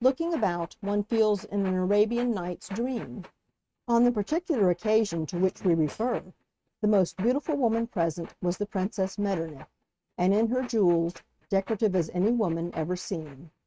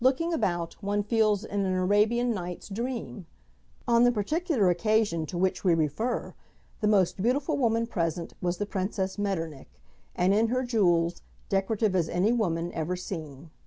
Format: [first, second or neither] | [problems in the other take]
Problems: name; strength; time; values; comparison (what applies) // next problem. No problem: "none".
second | noise reduction (neural mask model RNNoise)